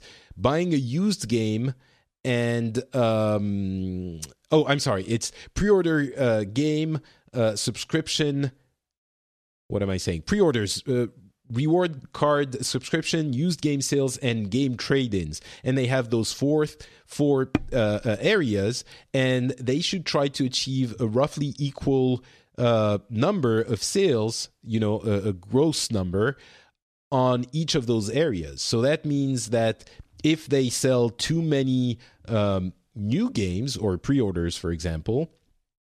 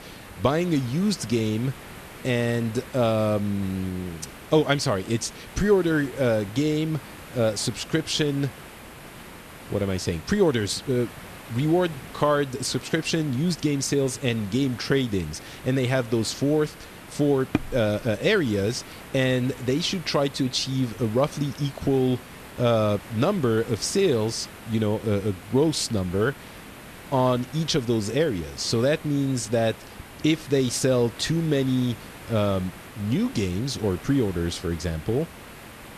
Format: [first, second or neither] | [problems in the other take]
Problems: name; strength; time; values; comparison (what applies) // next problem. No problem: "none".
first | hiss; noticeable; throughout; 15 dB below the speech